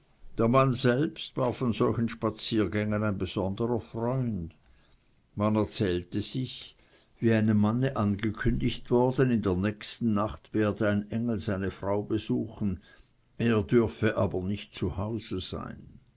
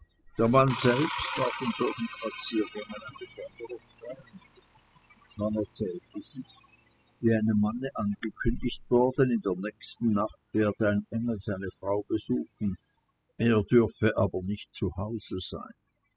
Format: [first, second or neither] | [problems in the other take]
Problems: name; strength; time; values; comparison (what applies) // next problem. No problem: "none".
first | noise reduction (classical method spectral subtraction)